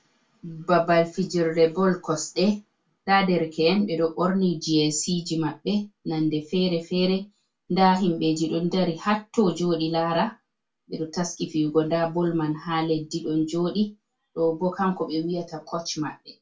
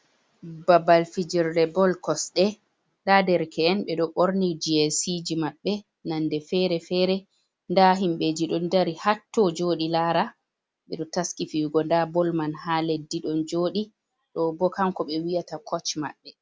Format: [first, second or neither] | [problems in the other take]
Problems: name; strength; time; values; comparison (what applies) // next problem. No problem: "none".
second | room echo; dies away in 0.2 s